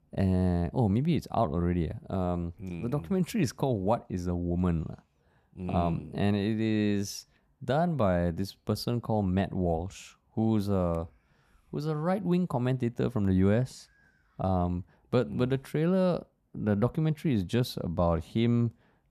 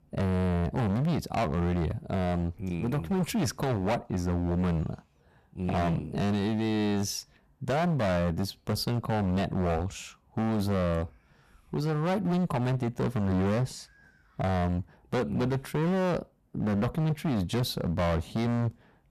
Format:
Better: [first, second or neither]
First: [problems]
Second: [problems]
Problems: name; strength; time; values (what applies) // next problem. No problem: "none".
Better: first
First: none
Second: distortion; heavy; 23% of the sound clipped